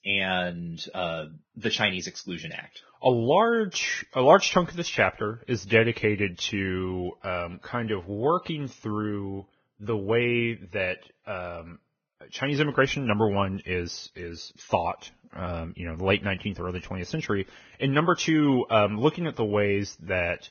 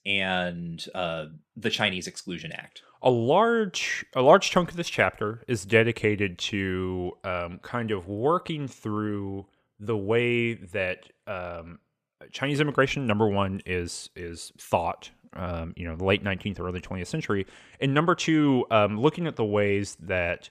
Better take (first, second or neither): second